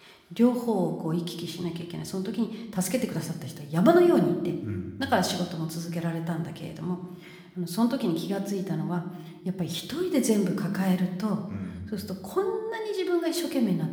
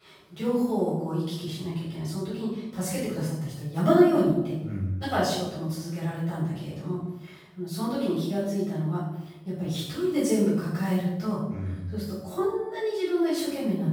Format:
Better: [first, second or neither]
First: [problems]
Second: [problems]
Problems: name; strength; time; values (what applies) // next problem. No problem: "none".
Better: first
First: room echo; slight; dies away in 0.9 s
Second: room echo; strong; dies away in 0.8 s // off-mic speech; far